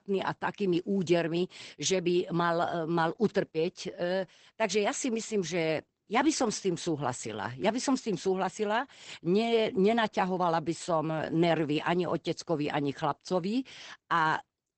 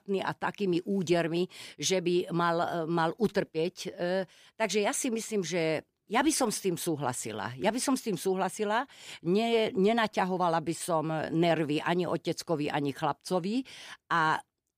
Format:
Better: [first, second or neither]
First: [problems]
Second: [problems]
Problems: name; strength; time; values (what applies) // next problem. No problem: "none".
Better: second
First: garbled, watery; badly; nothing above 8 kHz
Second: none